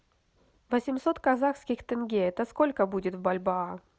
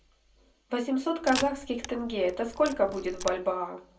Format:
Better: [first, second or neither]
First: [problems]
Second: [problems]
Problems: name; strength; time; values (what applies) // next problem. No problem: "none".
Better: first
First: none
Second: background sound (Camera); 11 dB below the speech // room echo; dies away in 0.2 s